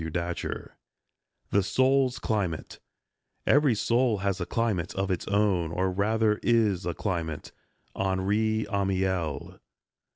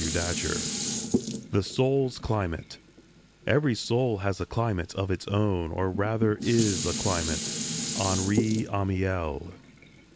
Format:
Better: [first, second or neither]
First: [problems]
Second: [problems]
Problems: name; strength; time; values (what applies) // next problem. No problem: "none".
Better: first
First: none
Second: background sound (Dishes, pots, and pans); 6 dB below the speech